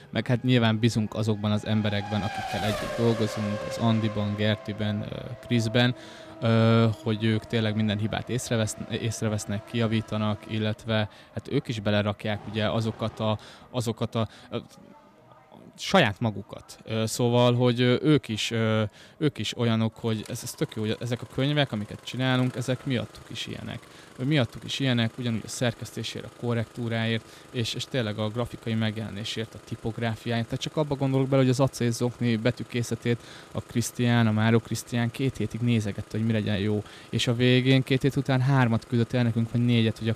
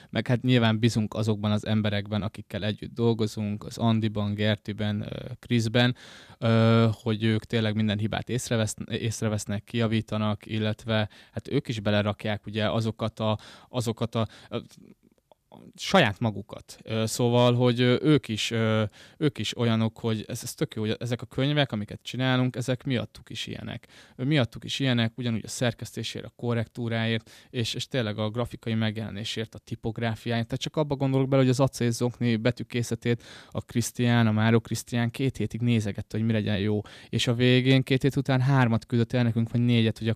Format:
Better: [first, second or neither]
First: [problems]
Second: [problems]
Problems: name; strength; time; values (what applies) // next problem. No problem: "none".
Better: second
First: traffic noise; noticeable; throughout; 15 dB below the speech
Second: none